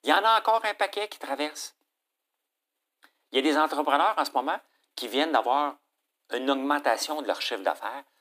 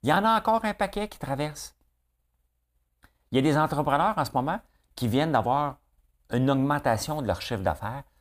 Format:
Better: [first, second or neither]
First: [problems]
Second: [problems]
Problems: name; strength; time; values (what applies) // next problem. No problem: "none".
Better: second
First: thin; somewhat; fading below 300 Hz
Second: none